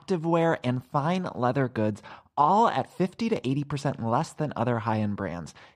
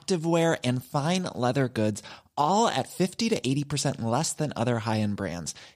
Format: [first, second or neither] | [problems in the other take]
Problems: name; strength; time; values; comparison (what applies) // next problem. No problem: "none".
second | muffled; slightly; fading above 3.5 kHz